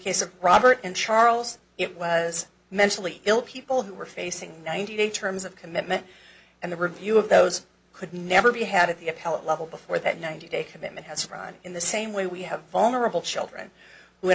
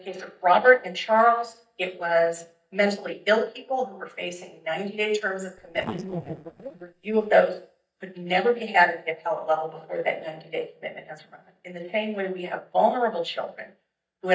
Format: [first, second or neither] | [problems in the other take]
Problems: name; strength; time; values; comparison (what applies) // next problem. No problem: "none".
first | noise reduction (neural mask model DeepFilterNet 3)